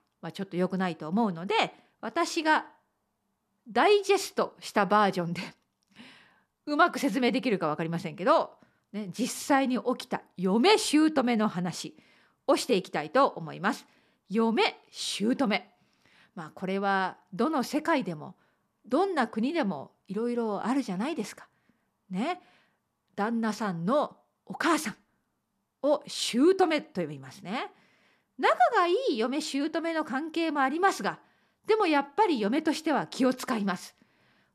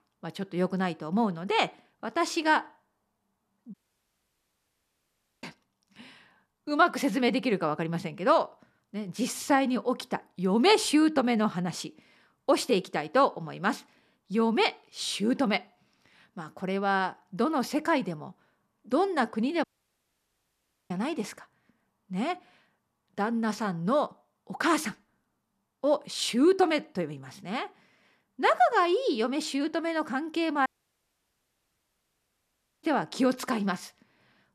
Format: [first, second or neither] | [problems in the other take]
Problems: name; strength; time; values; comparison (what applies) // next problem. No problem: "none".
first | audio cutting out; at 3.5 s for 1.5 s, at 20 s for 1.5 s and at 31 s for 2 s